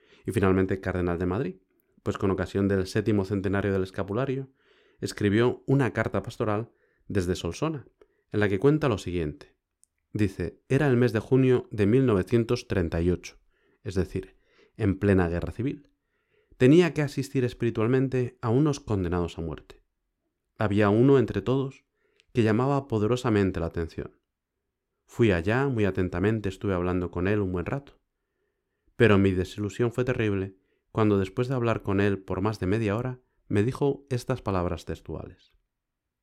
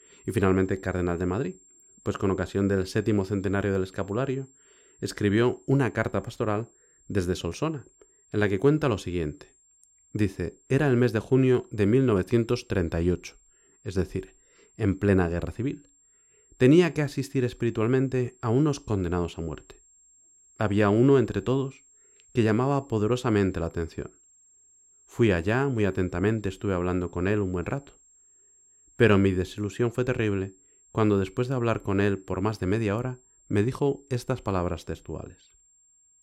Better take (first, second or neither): first